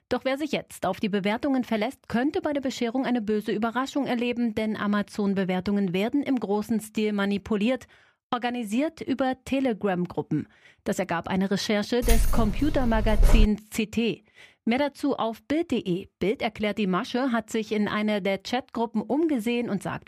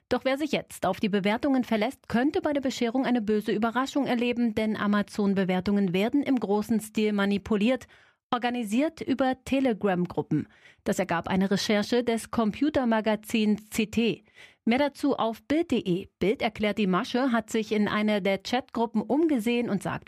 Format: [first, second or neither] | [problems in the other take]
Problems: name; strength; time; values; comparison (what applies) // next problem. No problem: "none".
second | jangling keys; loud; from 12 to 13 s; peak 3 dB above the speech